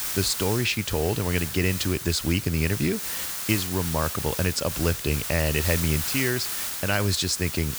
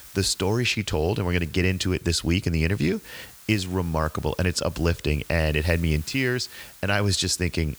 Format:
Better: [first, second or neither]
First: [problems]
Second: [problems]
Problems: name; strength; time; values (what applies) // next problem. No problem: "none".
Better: second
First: hiss; loud; throughout; 4 dB below the speech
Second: hiss; faint; throughout; 20 dB below the speech